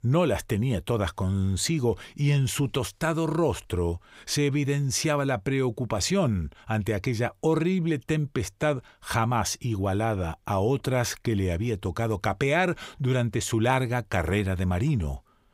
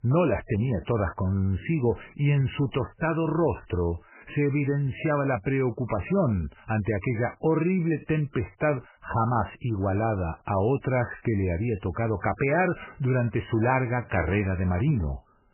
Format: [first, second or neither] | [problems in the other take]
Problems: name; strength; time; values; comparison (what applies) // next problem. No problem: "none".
first | garbled, watery; badly; nothing above 2.5 kHz